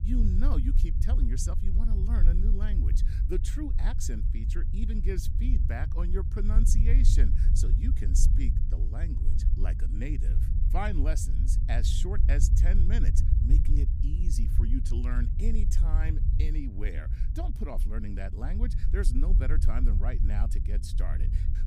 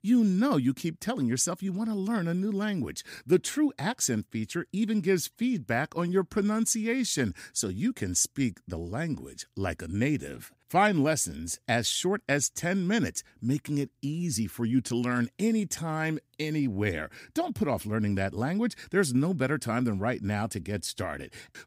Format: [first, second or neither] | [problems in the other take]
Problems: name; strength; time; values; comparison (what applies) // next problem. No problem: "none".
second | low rumble; loud; throughout; 6 dB below the speech